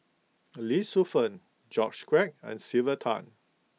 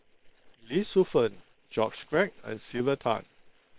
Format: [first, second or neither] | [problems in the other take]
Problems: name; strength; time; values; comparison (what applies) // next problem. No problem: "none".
first | noise reduction (neural separator model SepFormer WHAM!)